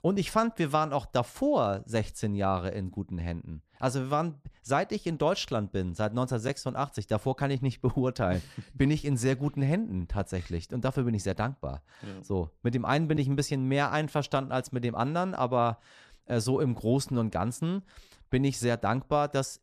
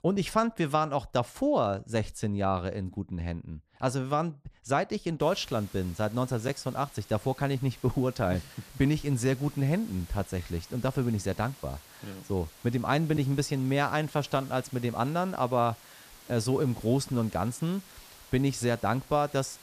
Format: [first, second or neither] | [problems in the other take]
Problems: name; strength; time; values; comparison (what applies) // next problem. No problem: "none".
first | hiss; faint; from 5 s on; 20 dB below the speech